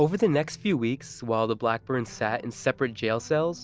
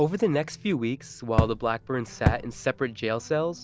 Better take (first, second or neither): first